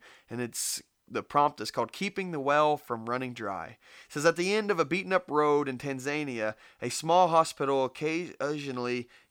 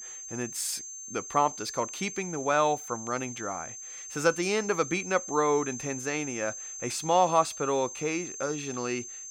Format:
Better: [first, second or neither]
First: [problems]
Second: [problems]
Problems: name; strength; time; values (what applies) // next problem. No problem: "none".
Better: first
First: none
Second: high-pitched whine; loud; throughout; 6.5 kHz, 9 dB below the speech